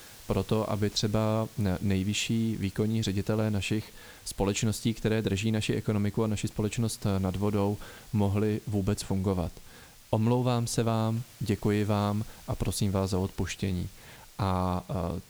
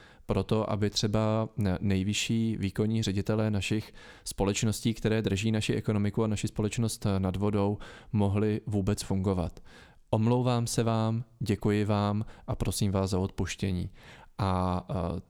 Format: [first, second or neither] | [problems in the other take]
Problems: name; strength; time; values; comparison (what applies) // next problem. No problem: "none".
second | hiss; faint; throughout; 20 dB below the speech